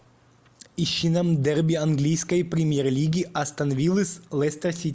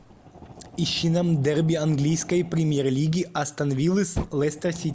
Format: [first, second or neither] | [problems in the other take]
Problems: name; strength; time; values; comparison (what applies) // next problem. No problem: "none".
first | background sound (Fire); 16 dB below the speech